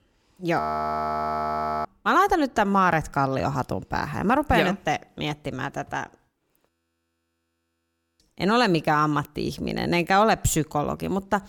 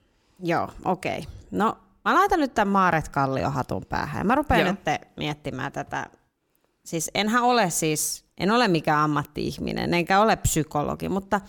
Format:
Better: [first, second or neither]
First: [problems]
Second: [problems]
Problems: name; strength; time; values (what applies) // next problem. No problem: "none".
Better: second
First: audio freezing; at 0.5 s for 1.5 s and at 6.5 s for 1.5 s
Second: none